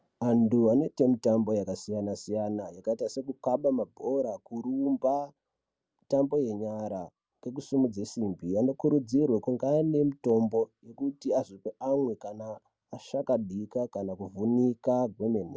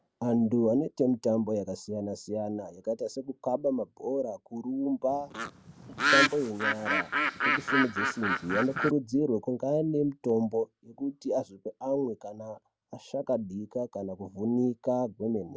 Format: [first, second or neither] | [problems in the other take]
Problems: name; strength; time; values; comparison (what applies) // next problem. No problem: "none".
first | background sound (Bird); 1 dB above the speech